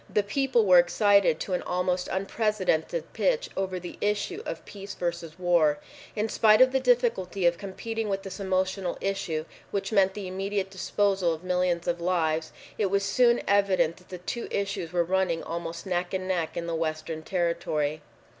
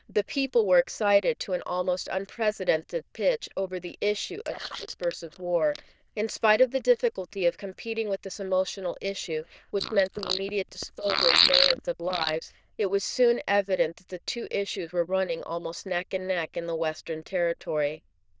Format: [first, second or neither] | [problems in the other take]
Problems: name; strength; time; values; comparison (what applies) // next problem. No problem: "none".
first | noise reduction (neural diffusion model UNIVERSE++)